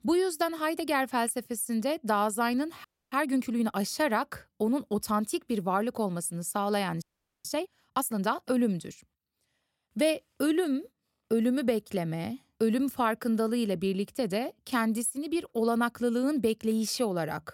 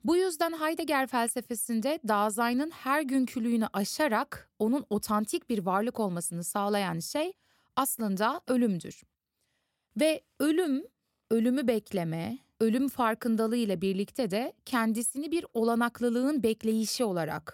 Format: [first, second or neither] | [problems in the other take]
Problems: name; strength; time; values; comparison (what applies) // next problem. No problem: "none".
second | audio freezing; at 3 s and at 7 s